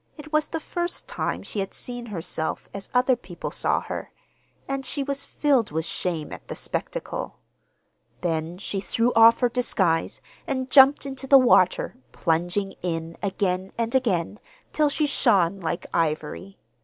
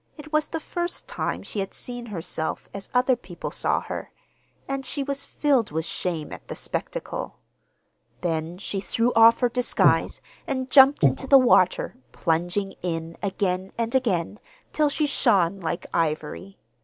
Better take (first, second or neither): first